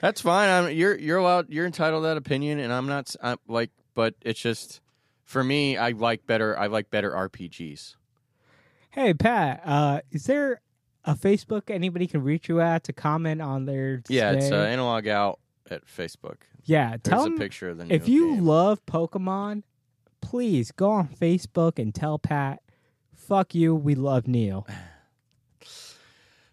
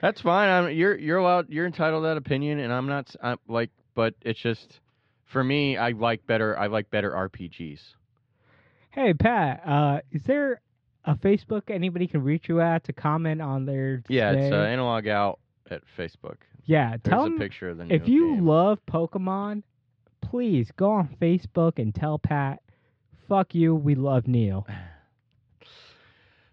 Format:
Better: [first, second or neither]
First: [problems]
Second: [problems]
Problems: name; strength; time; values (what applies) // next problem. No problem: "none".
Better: first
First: none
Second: muffled; slightly; fading above 3.5 kHz